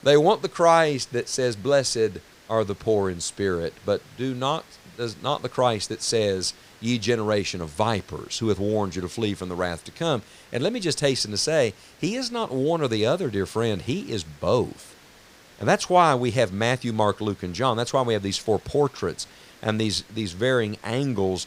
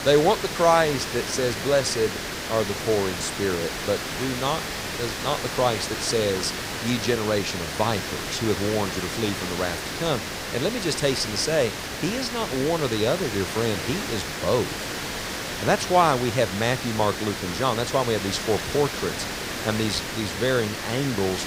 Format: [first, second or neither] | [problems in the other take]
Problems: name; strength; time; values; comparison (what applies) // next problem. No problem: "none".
first | hiss; loud; throughout; 4 dB below the speech; faint in the first